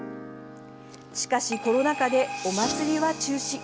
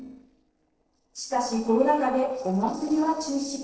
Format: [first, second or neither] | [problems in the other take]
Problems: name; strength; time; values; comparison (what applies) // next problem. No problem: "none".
first | noise reduction (neural separator model SepFormer DNS4)